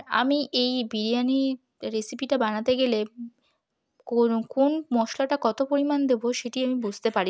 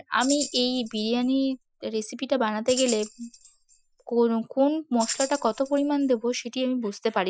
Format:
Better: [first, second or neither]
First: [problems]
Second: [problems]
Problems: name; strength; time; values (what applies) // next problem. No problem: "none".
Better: first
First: none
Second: noise reduction (classical method Wiener filter)